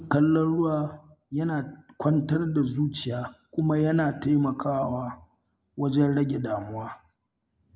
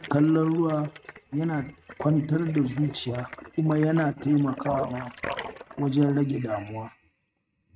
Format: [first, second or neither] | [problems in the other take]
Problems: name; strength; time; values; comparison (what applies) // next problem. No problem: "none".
first | noise reduction (neural mask model RNNoise)